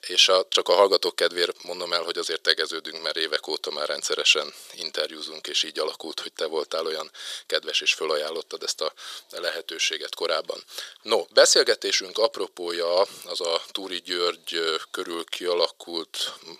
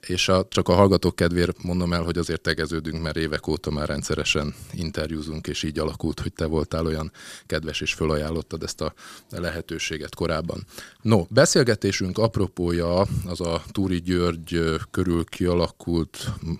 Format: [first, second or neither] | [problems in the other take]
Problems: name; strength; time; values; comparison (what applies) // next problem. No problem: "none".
second | thin; very; fading below 450 Hz